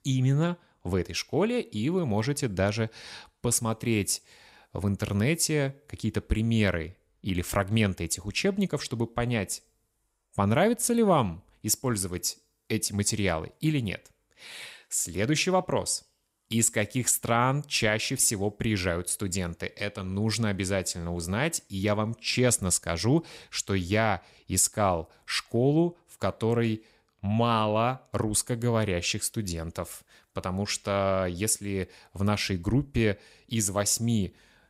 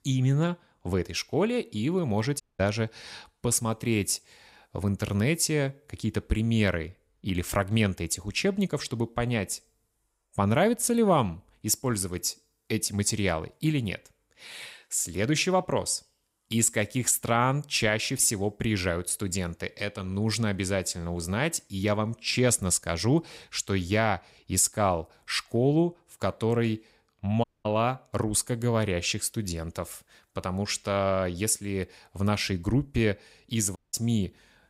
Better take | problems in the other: first | audio cutting out; at 2.5 s, at 27 s and at 34 s

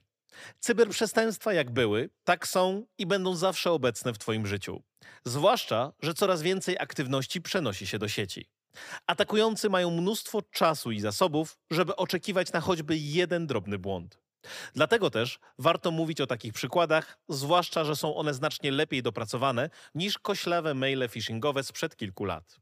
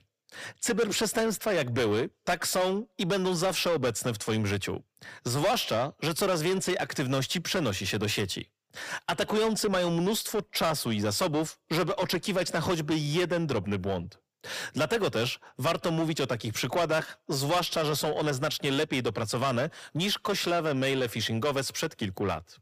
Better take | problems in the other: first | distortion; heavy; 7 dB below the speech

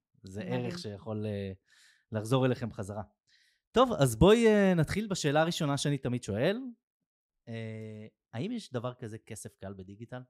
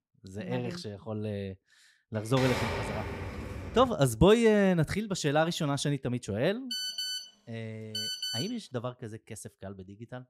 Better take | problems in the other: first | keyboard typing; noticeable; from 2.5 to 4 s; peak 3 dB below the speech // phone ringing; noticeable; from 6.5 to 8.5 s; peak 3 dB below the speech

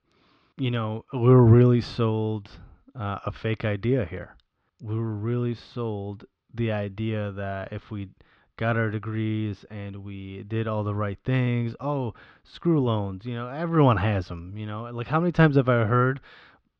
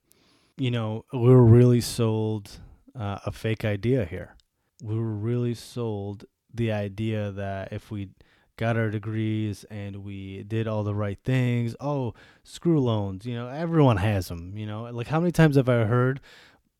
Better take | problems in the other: second | muffled; slightly; fading above 4 kHz

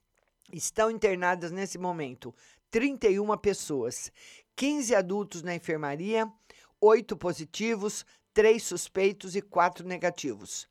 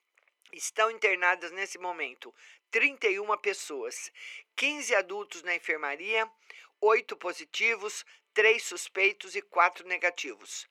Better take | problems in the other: first | thin; very; fading below 350 Hz

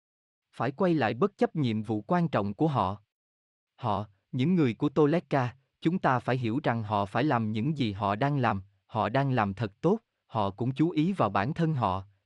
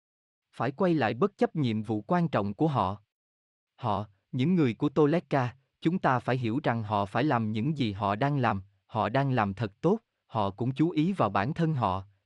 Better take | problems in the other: neither | none

